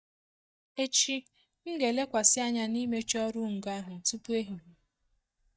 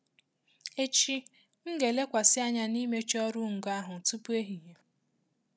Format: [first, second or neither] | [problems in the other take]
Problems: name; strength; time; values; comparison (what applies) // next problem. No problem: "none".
second | noise reduction (neural mask model DeepFilterNet 3)